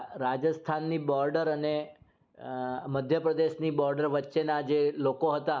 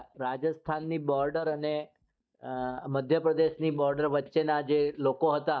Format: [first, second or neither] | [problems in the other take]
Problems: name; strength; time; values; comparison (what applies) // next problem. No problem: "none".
first | noise reduction (neural mask model DeepFilterNet 3)